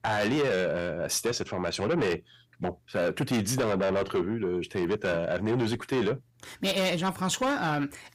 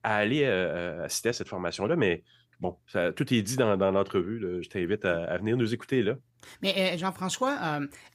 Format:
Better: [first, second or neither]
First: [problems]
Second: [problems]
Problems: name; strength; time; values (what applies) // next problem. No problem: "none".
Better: second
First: distortion; heavy; 7 dB below the speech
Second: none